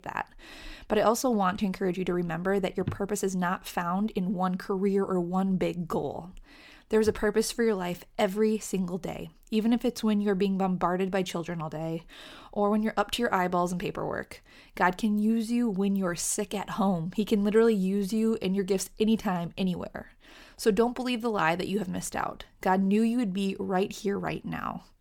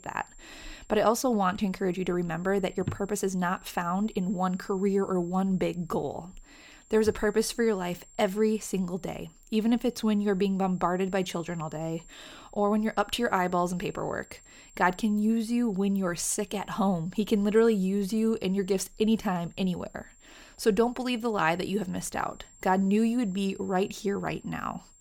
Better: first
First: none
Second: high-pitched whine; faint; throughout; 7.5 kHz, 25 dB below the speech

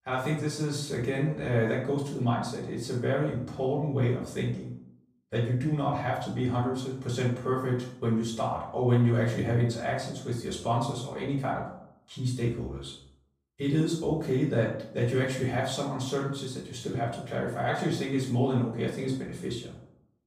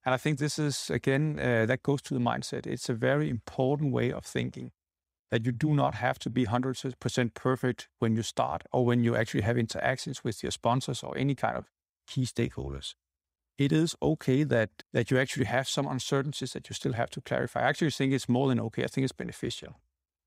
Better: second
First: room echo; noticeable; dies away in 0.5 s // off-mic speech; far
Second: none

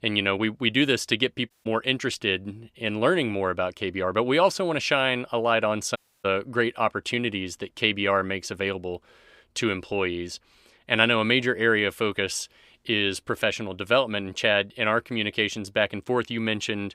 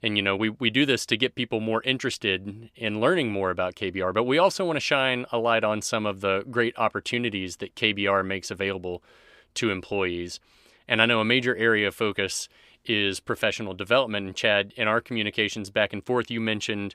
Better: second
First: audio cutting out; at 1.5 s and at 6 s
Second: none

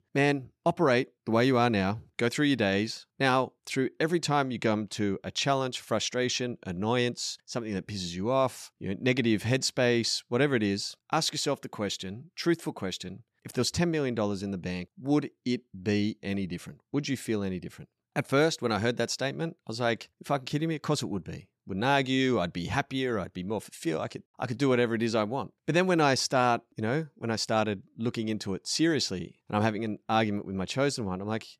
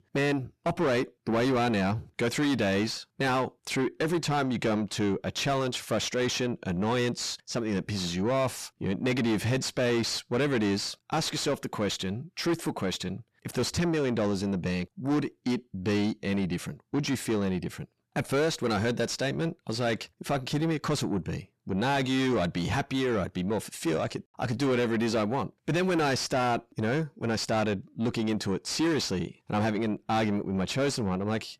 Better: first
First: none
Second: distortion; heavy; 7 dB below the speech

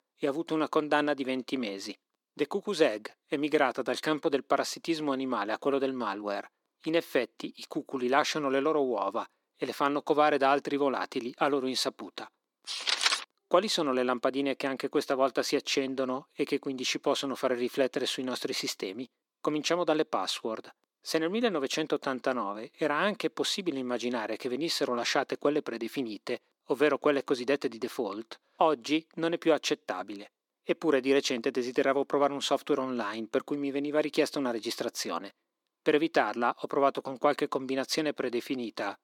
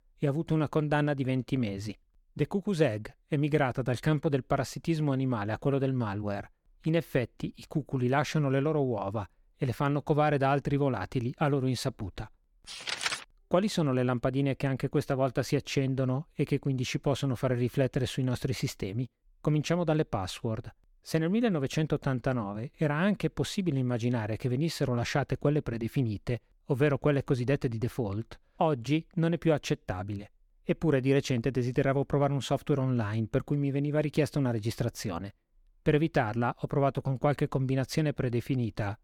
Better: second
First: thin; somewhat; fading below 250 Hz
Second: none

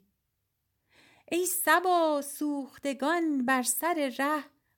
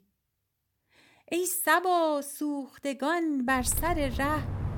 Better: first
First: none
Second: household noises; loud; from 3.5 s on; 9 dB below the speech

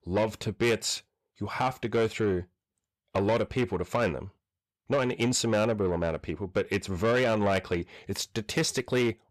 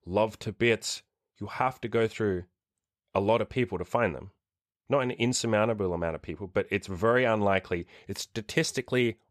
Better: second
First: distortion; slight; 10 dB below the speech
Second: none

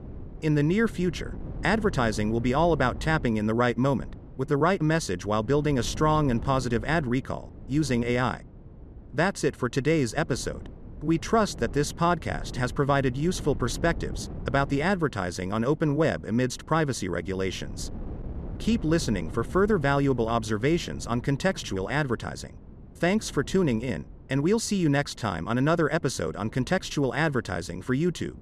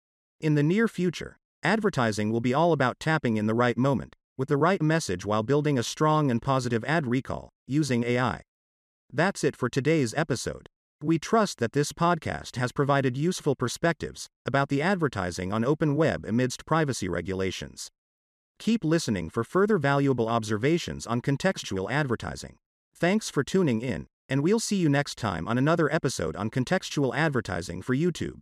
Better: second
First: wind noise on the microphone; occasional gusts; 20 dB below the speech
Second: none

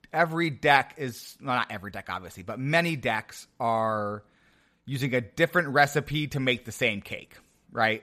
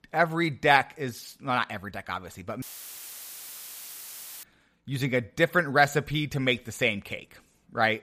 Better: first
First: none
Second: audio cutting out; filled with static; at 2.5 s for 2 s

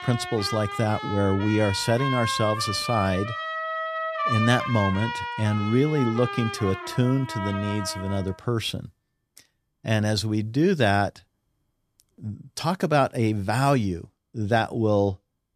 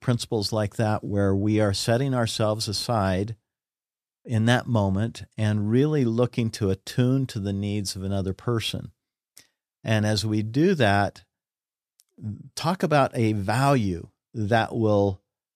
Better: second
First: background music; loud; throughout; 6 dB below the speech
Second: none

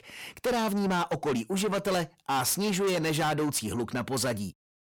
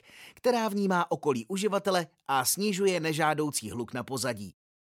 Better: second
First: distortion; heavy; 7 dB below the speech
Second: none

